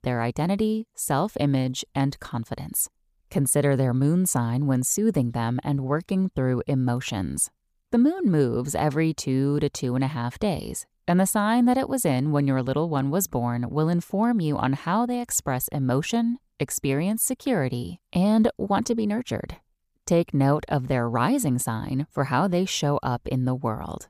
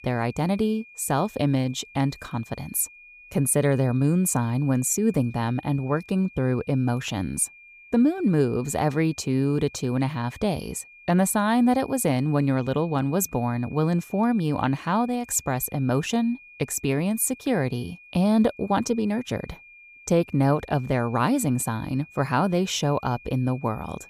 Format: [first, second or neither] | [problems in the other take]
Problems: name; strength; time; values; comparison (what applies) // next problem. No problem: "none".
first | high-pitched whine; faint; throughout; 2.5 kHz, 20 dB below the speech